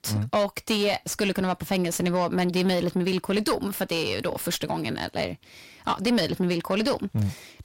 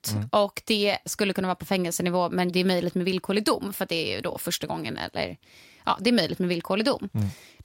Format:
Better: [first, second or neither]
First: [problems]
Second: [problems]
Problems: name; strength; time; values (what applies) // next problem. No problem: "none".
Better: second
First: distortion; slight; 10 dB below the speech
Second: none